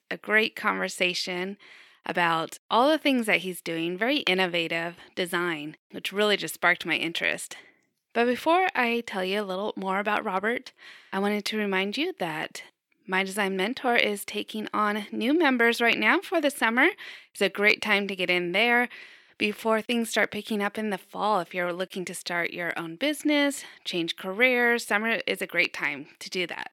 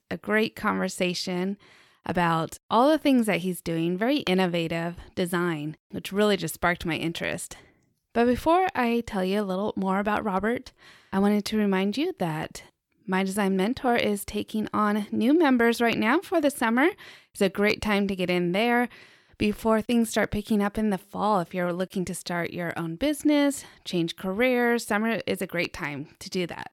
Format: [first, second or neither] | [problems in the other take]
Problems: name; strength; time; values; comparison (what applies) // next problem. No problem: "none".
second | thin; very slightly; fading below 250 Hz